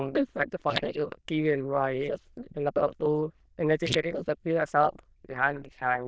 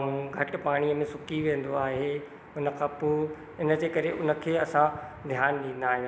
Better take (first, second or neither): second